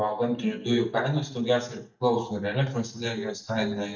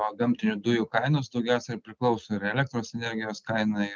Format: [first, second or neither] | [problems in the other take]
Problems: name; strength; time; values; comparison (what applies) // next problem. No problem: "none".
second | noise reduction (neural mask model DeepFilterNet 3)